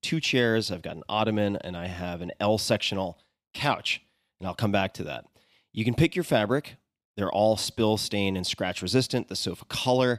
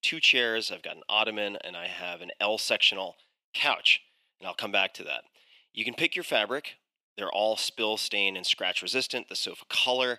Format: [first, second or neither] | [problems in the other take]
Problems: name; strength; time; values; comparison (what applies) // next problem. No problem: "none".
first | thin; somewhat; fading below 450 Hz